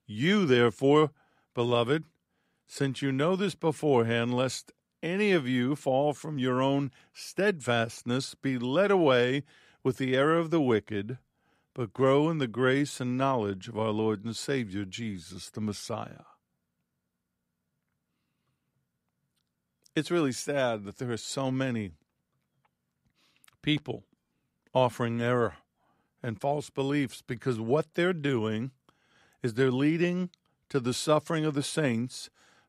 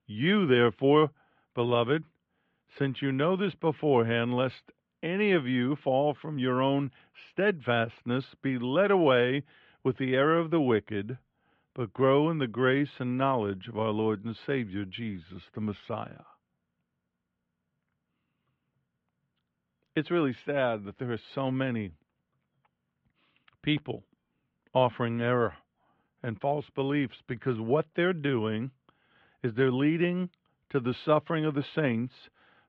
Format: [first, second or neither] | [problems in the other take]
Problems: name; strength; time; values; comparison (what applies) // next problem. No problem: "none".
first | muffled; very; fading above 3 kHz